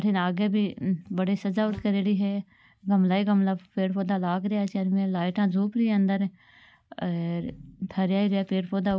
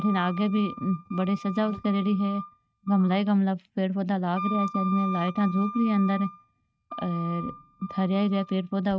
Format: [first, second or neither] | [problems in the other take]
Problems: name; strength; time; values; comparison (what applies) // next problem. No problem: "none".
first | noise reduction (neural mask model RNNoise)